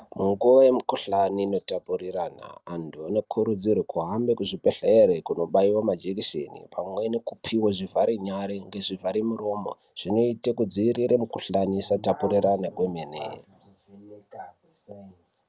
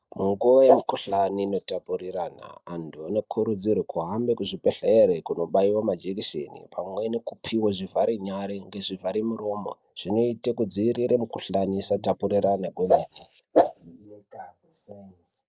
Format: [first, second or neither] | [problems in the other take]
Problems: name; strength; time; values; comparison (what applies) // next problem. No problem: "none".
first | noise reduction (neural mask model Resemble Enhance denoiser)